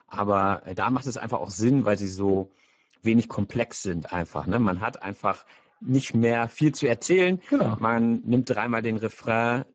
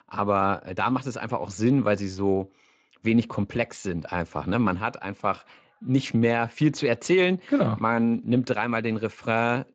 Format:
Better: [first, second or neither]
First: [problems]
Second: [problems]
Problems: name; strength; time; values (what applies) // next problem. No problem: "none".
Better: second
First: garbled, watery; badly; nothing above 7.5 kHz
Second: garbled, watery; slightly; nothing above 7.5 kHz